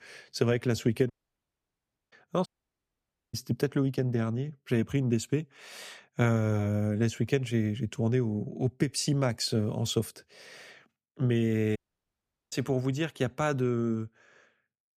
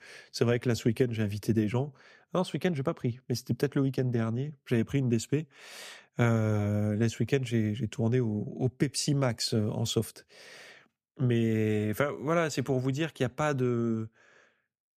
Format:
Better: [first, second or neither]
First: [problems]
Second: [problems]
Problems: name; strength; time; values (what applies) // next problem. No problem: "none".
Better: second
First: audio cutting out; at 1 s for 1 s, at 2.5 s for 1 s and at 12 s for 1 s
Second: none